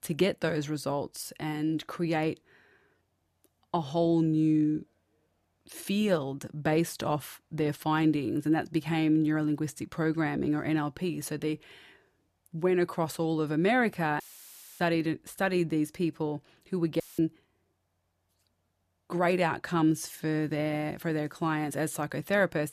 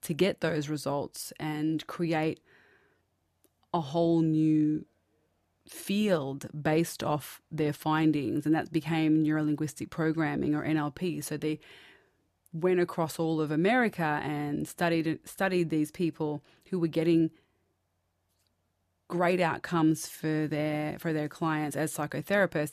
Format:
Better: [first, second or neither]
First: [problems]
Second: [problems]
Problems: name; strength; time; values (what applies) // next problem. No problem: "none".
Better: second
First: audio cutting out; filled with static; at 14 s for 0.5 s and at 17 s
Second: none